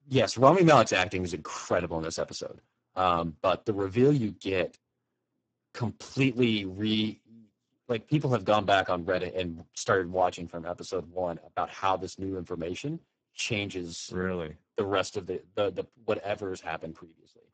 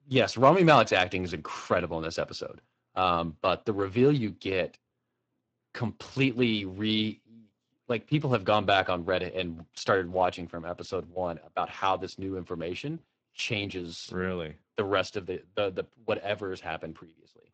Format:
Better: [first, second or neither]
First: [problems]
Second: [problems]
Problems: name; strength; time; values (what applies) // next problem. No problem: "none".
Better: second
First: garbled, watery; badly; nothing above 7.5 kHz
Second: garbled, watery; slightly; nothing above 7.5 kHz